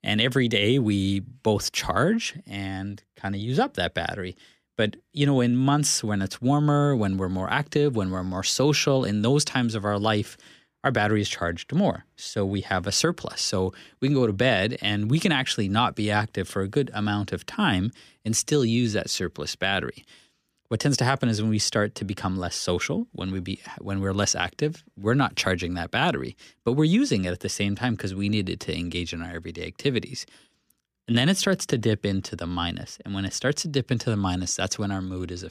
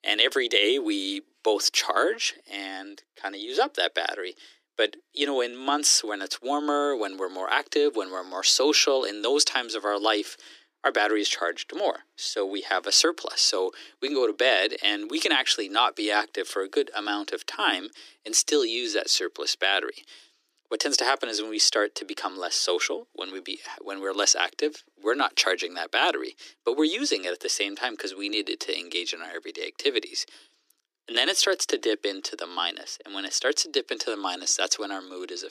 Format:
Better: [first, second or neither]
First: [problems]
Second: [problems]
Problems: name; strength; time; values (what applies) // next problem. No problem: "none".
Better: first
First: none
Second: thin; very; fading below 300 Hz